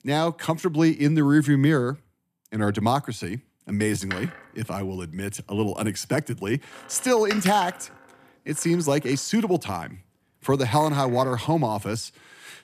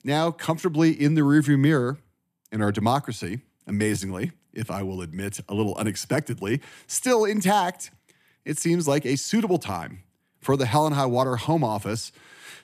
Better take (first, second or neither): second